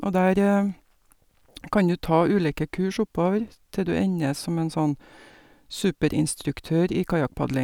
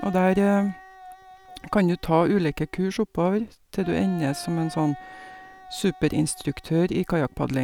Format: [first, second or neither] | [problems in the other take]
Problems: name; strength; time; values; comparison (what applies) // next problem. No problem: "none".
first | background sound (Wind instrument, woodwind instrument); 20 dB below the speech